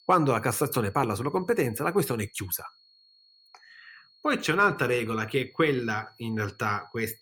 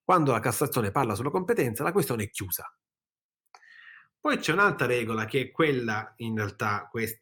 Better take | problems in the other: second | high-pitched whine; faint; throughout; 4.5 kHz, 30 dB below the speech

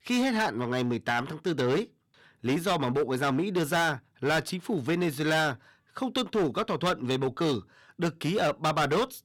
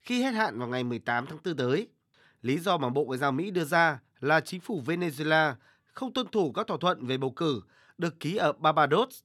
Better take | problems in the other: second | distortion; heavy; 12% of the sound clipped

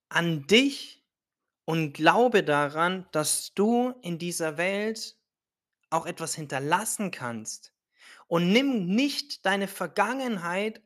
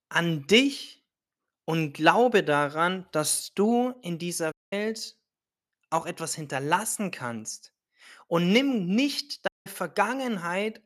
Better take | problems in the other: first | audio cutting out; at 4.5 s and at 9.5 s

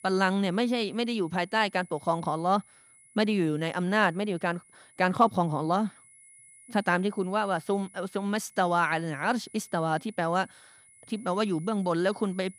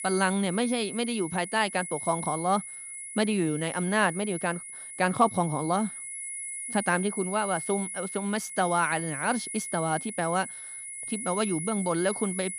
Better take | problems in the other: first | high-pitched whine; loud; throughout; 10.5 kHz, 7 dB below the speech; faint in the first

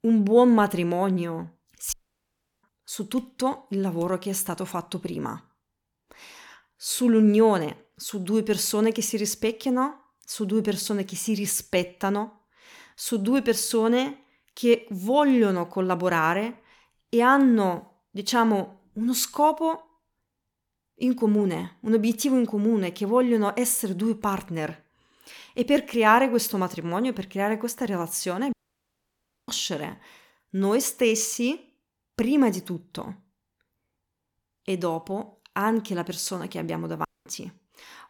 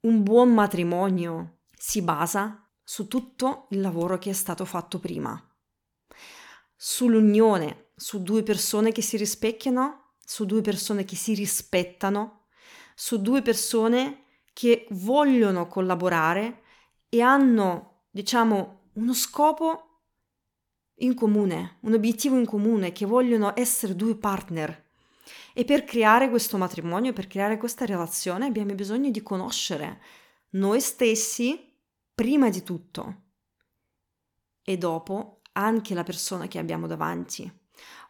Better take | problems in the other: second | audio cutting out; at 2 s for 0.5 s, at 29 s for 1 s and at 37 s

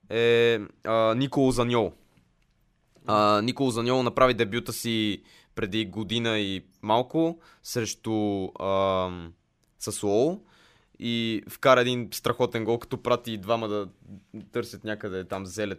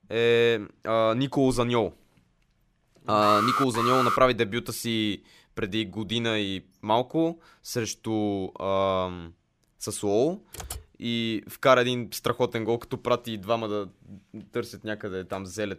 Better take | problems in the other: first | alarm; loud; at 3 s; peak 2 dB above the speech // keyboard typing; faint; at 11 s; peak 10 dB below the speech

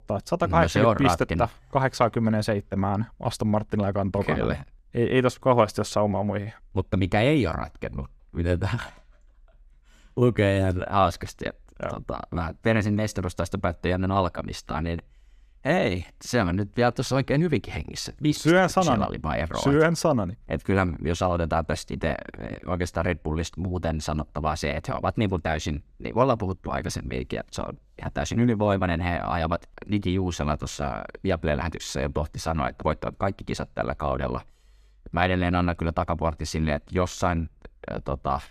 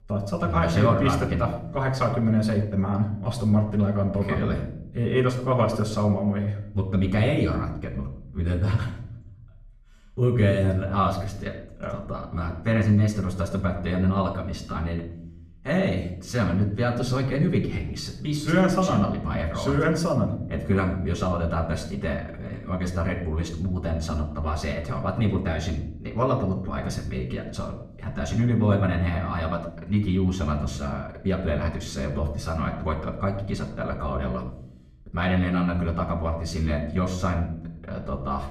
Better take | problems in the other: first | off-mic speech; far // room echo; slight; dies away in 0.7 s

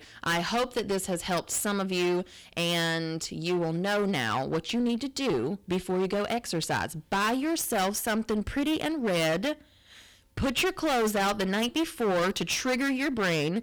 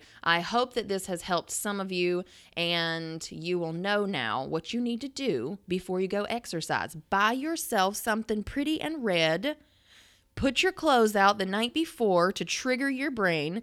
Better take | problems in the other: second | distortion; heavy; 20% of the sound clipped

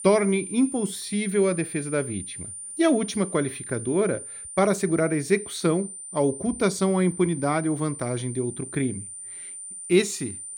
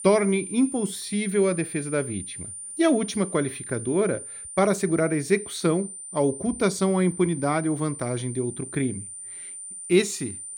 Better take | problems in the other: neither | high-pitched whine; noticeable; throughout; 9 kHz, 10 dB below the speech; the same in both

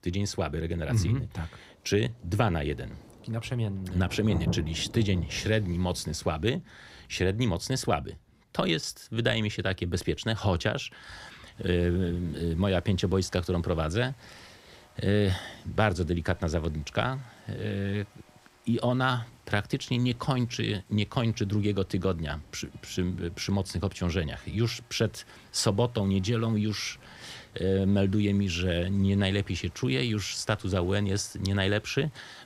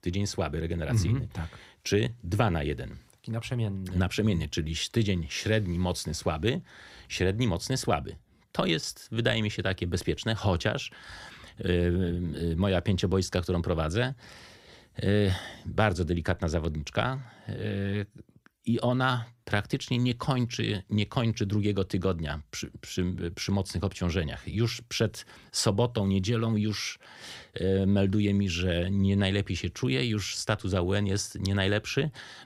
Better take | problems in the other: second | rain or running water; noticeable; throughout; 15 dB below the speech

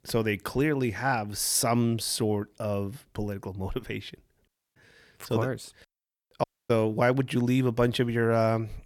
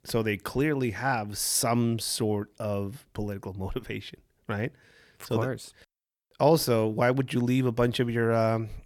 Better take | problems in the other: second | audio cutting out; at 4.5 s and at 6.5 s

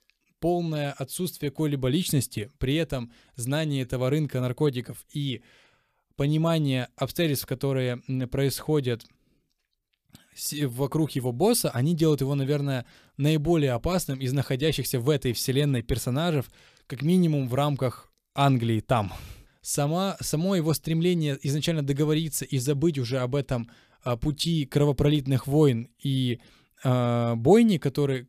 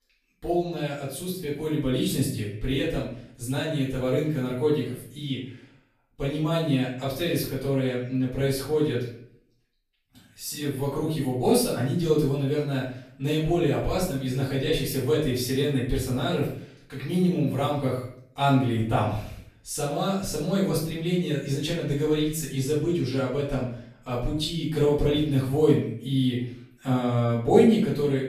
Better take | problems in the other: first | room echo; noticeable; dies away in 0.5 s // off-mic speech; far

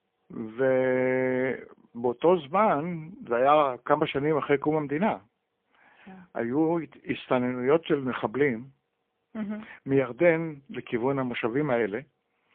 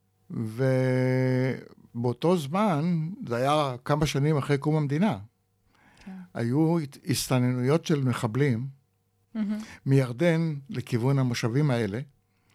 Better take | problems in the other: second | phone-call audio; poor line; nothing above 3.5 kHz

